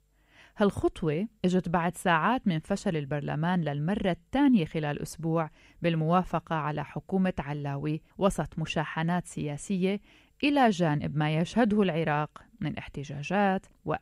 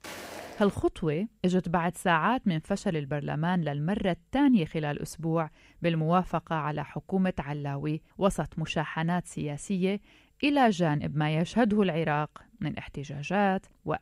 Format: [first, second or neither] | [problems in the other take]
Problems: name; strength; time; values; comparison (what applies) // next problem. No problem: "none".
first | footsteps; faint; at the start; peak 10 dB below the speech